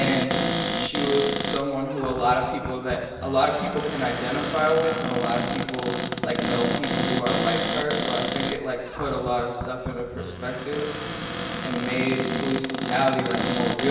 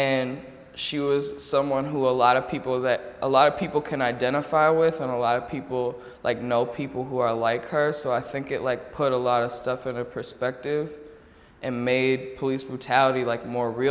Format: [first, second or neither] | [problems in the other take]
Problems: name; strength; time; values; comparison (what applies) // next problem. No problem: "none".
second | background sound (Cupboard open or close); 2 dB below the speech // room echo; dies away in 1.2 s